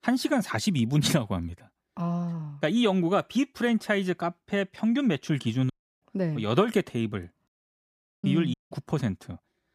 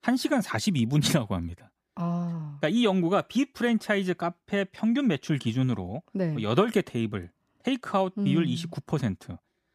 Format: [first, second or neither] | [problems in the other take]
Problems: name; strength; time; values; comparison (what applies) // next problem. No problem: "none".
second | audio cutting out; at 5.5 s, at 7.5 s for 1 s and at 8.5 s